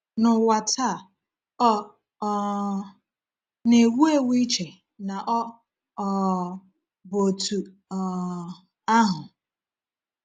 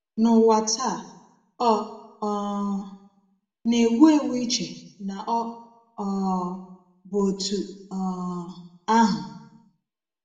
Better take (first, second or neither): first